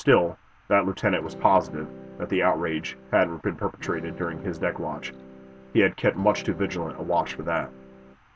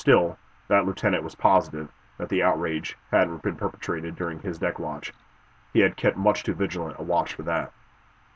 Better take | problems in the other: second | background sound (Electric guitar / Strum); 16 dB below the speech

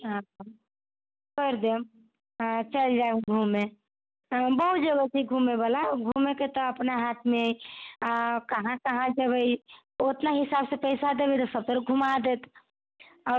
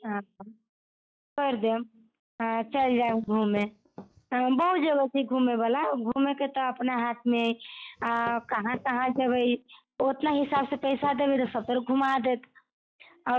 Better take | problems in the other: first | noise reduction (classical method log-MMSE)

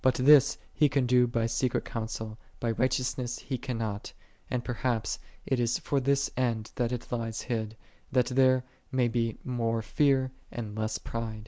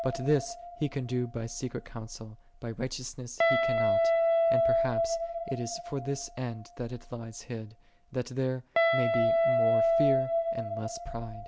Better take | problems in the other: first | background sound (Guitar); 4 dB above the speech

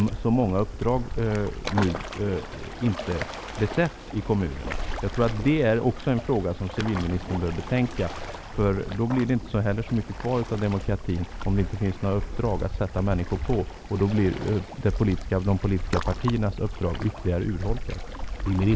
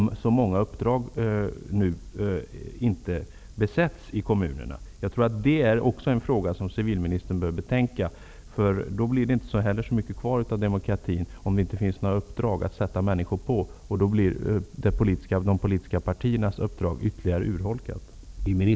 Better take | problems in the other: second | background sound (Waves, surf); 8 dB below the speech

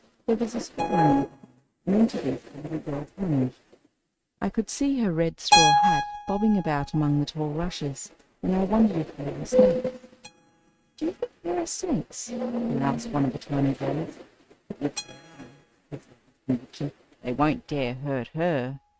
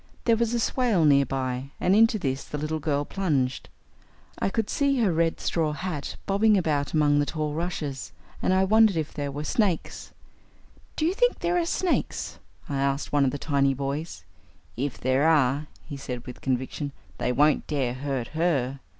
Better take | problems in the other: second | noise reduction (neural mask model RNNoise)

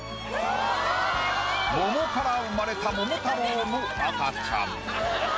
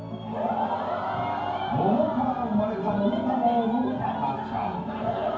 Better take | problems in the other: first | room echo; dies away in 0.9 s

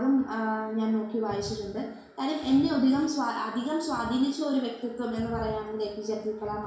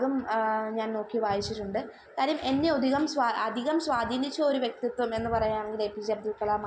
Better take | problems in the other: second | room echo; dies away in 0.7 s

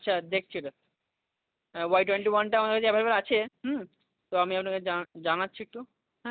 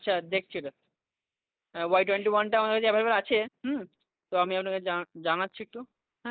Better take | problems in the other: first | noise reduction (neural mask model Resemble Enhance denoiser)

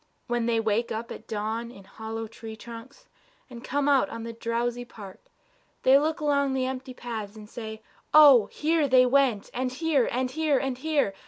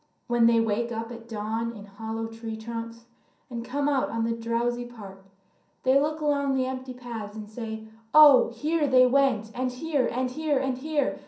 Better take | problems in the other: first | room echo; dies away in 0.6 s

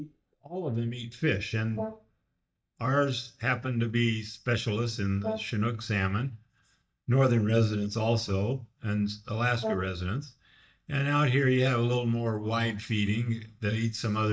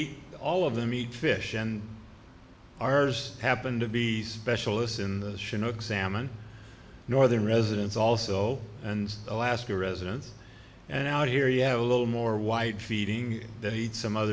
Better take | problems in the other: second | noise reduction (neural mask model DeepFilterNet 3)

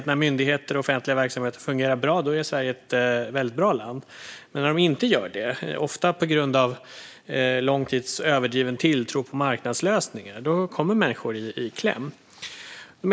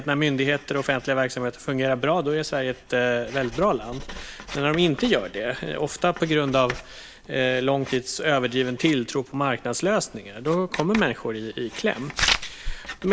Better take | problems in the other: first | background sound (Writing); 11 dB below the speech

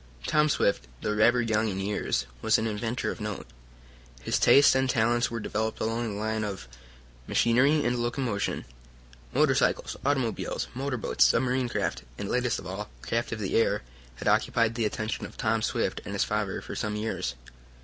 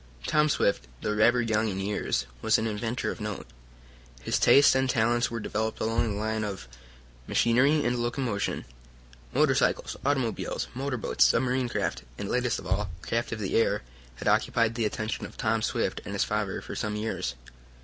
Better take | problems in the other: first | background sound (Bass drum); 7 dB below the speech

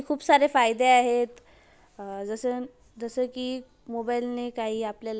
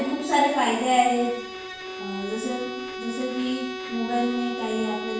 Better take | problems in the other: first | background sound (Bowed string instrument); 9 dB below the speech // room echo; dies away in 0.6 s

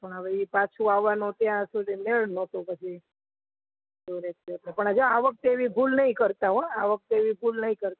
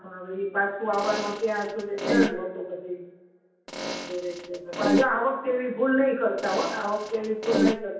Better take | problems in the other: first | background sound (Fart); 1 dB below the speech // room echo; dies away in 0.9 s

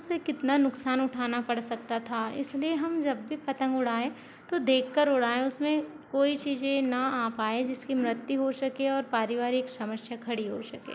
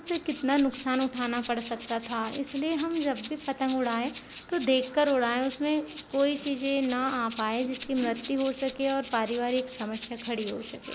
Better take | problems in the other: first | background sound (Rattle (instrument)); 17 dB below the speech

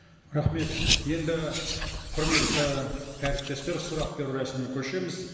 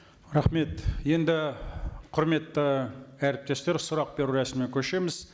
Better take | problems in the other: second | background sound (Car); as loud as the speech // room echo; dies away in 1.6 s

